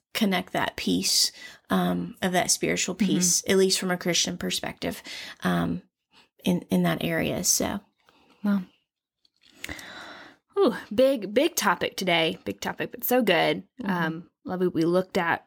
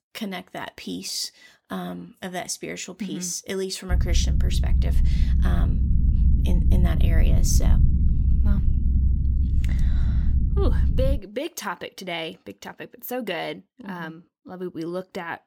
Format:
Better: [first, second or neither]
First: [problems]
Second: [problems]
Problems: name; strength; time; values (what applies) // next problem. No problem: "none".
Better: first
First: none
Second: low rumble; loud; from 4 to 11 s; 6 dB below the speech